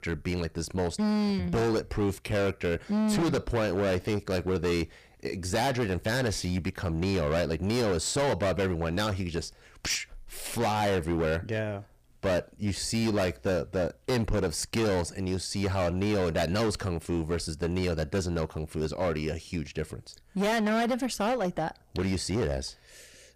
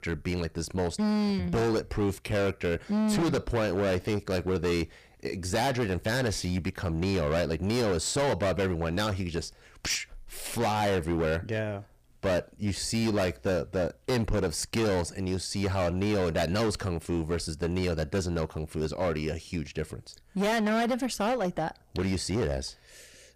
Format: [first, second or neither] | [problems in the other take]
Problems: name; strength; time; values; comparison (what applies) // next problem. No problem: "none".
neither | distortion; heavy; 18% of the sound clipped; the same in both